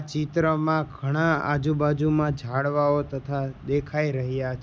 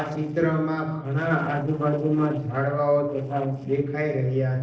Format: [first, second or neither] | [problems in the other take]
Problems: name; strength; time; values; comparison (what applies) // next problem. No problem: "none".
first | noise reduction (neural separator model SepFormer DNS4)